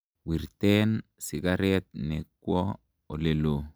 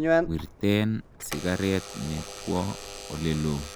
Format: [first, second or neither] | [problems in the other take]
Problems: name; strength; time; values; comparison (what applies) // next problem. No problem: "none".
first | background sound (Alarm / Door); 3 dB below the speech